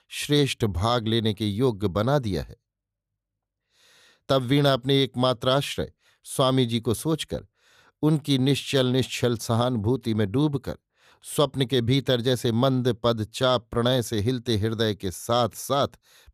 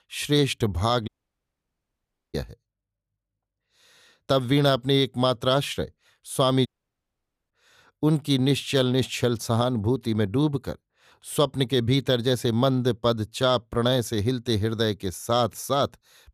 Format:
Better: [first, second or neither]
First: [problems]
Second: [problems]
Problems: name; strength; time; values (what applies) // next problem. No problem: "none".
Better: first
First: none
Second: audio cutting out; at 1 s for 1.5 s and at 6.5 s for 1 s